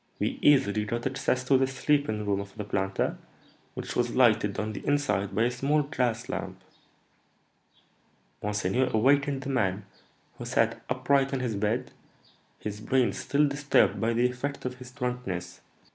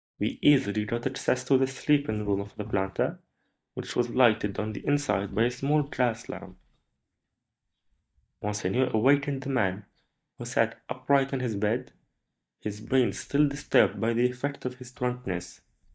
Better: first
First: none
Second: noise reduction (neural mask model DeepFilterNet 3)

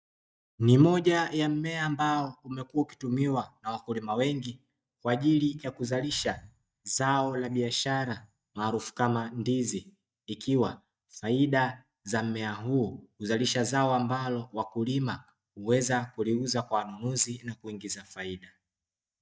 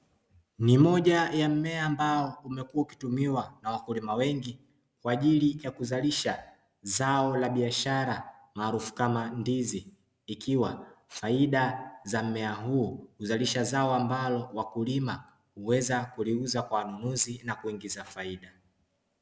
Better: second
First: noise reduction (neural mask model DeepFilterNet 3)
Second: none

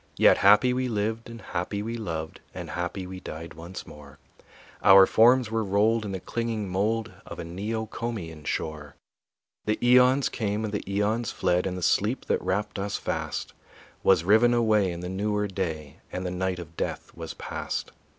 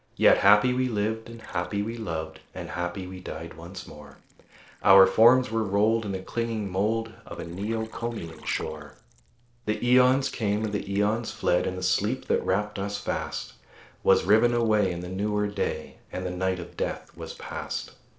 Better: first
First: none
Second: noise reduction (neural separator model SepFormer DNS4)

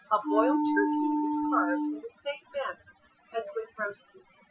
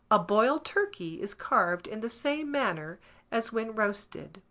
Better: second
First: noise reduction (classical method Wiener filter)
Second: none

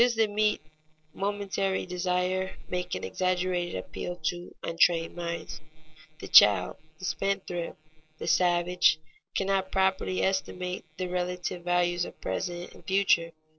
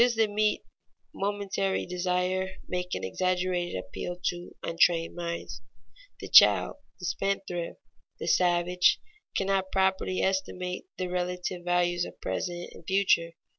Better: second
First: noise reduction (neural separator model SepFormer DNS4)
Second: none

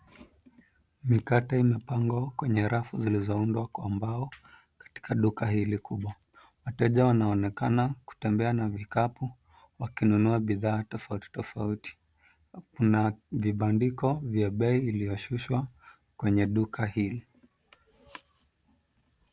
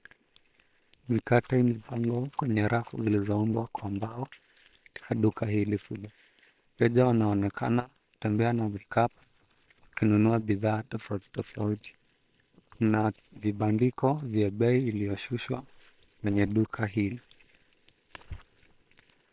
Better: first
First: none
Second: noise reduction (neural separator model SepFormer WHAM!)

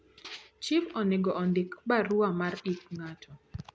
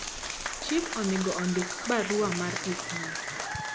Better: first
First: none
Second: background sound (Applause); 4 dB below the speech

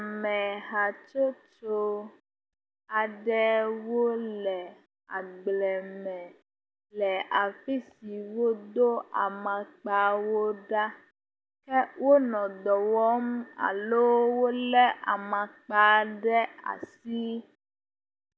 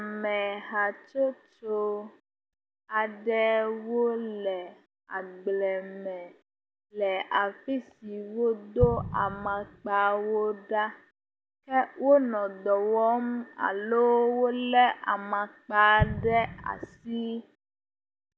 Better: first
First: none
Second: background sound (Explosion); 6 dB below the speech

